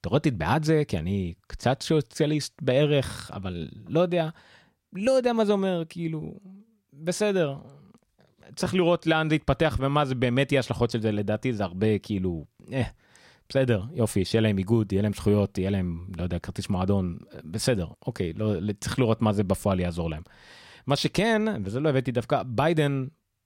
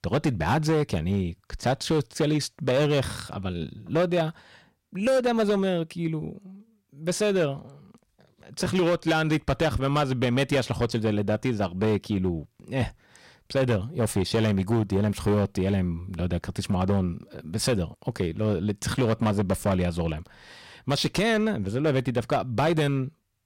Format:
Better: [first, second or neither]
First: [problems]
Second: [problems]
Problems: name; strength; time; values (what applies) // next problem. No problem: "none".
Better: first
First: none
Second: distortion; slight; 8% of the sound clipped